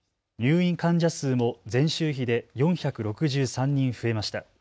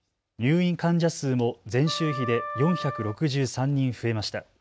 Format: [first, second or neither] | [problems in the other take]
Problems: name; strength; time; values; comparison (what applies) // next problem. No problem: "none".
first | background sound (Wind instrument, woodwind instrument); 11 dB below the speech